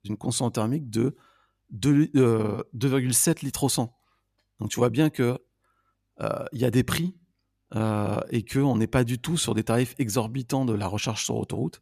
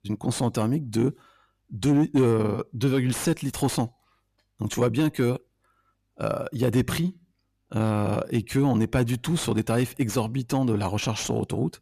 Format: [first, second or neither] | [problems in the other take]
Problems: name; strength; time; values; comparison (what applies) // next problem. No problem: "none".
first | distortion; slight; 10 dB below the speech